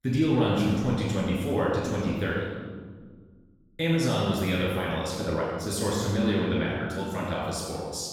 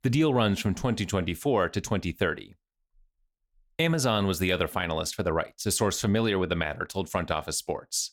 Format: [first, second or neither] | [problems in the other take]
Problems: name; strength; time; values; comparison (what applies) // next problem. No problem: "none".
second | room echo; strong; dies away in 1.6 s // off-mic speech; far